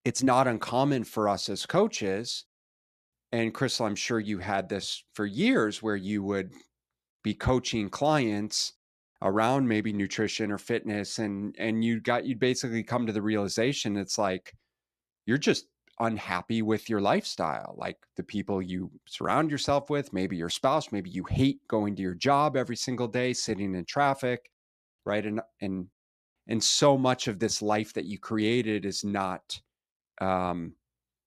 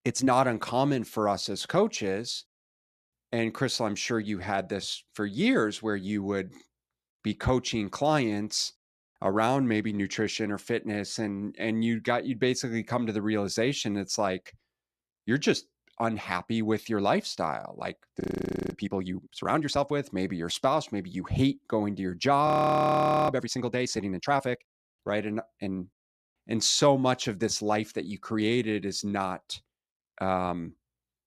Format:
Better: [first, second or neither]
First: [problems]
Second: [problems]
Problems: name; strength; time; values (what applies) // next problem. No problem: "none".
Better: first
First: none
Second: audio freezing; at 18 s for 0.5 s and at 22 s for 1 s